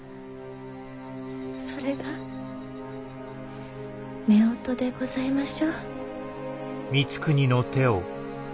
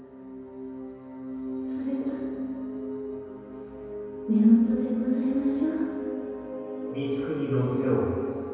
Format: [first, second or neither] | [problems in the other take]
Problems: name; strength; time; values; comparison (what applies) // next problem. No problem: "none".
first | room echo; dies away in 2.2 s